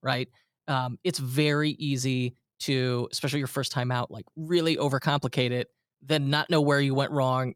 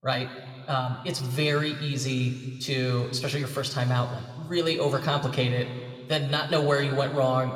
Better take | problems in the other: first | room echo; slight; dies away in 2.1 s

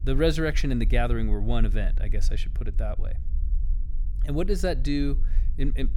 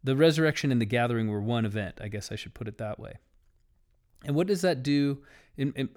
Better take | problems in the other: second | low rumble; faint; throughout; 20 dB below the speech

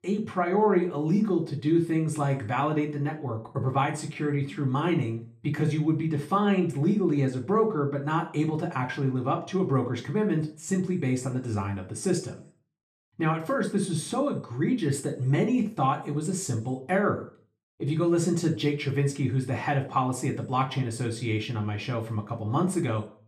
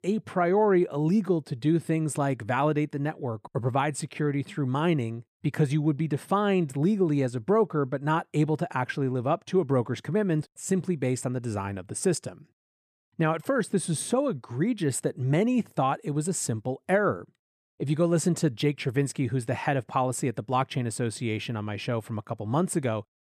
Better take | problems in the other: second | room echo; slight; dies away in 0.3 s // off-mic speech; far

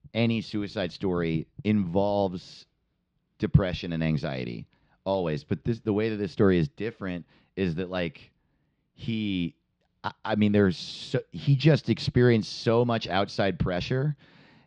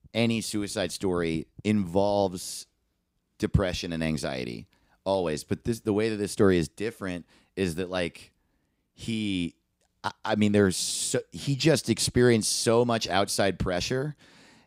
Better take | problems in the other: second | muffled; very slightly; fading above 4 kHz

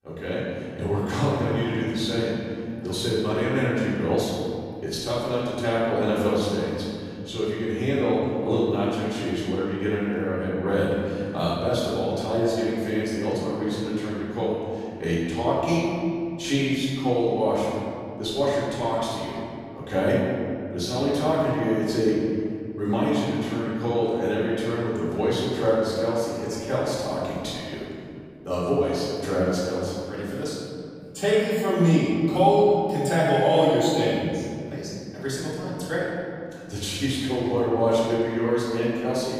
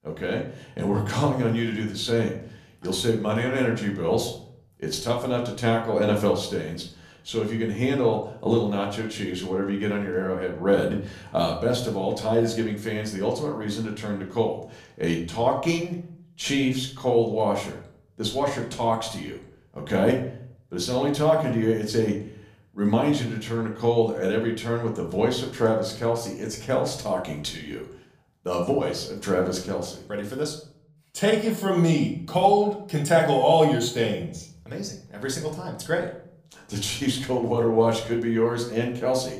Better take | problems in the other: second | room echo; strong; dies away in 2.5 s; slight in the second // off-mic speech; far; somewhat distant in the second

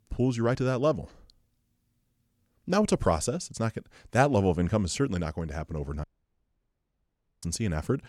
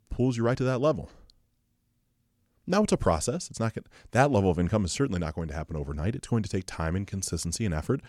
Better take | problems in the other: second | audio cutting out; at 6 s for 1.5 s

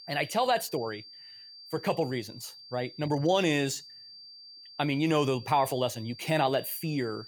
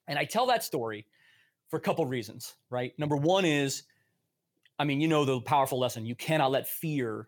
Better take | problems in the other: second | high-pitched whine; noticeable; throughout; 4.5 kHz, 15 dB below the speech

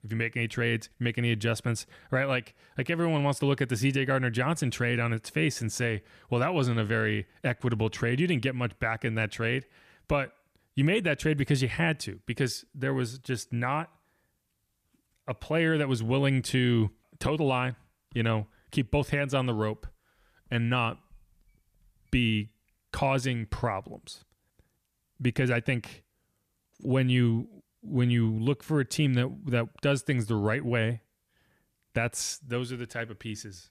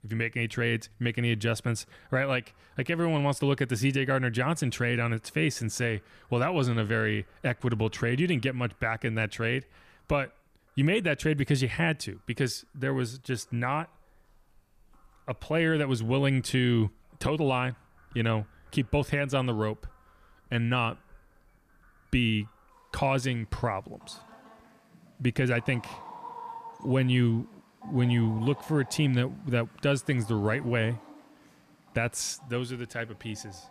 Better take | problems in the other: first | animal sounds; faint; throughout; 25 dB below the speech

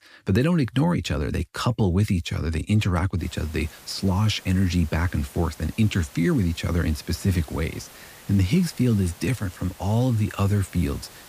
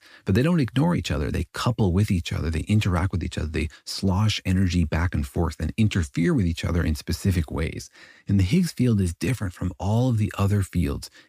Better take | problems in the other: second | hiss; faint; from 3 s on; 20 dB below the speech

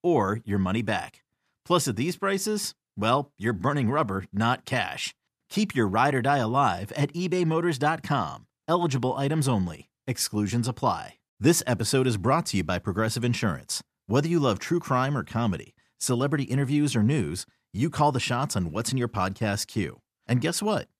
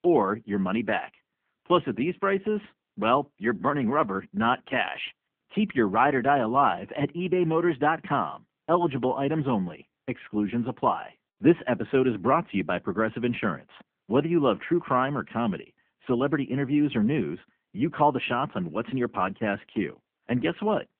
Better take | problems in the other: first | phone-call audio

